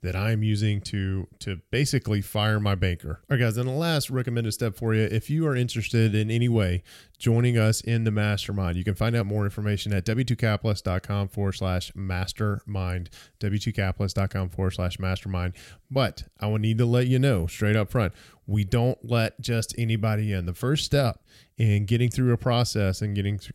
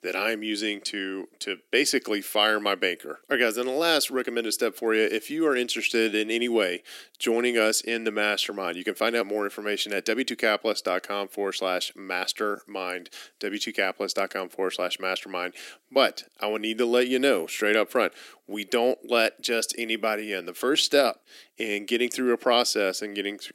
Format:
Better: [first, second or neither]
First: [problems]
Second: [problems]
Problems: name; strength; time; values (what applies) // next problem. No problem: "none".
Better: first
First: none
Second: thin; very; fading below 300 Hz